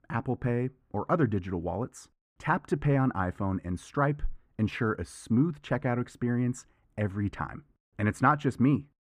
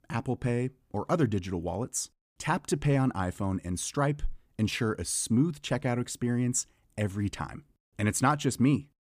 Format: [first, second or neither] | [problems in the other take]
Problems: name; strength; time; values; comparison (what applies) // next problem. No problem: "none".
second | muffled; very; fading above 3 kHz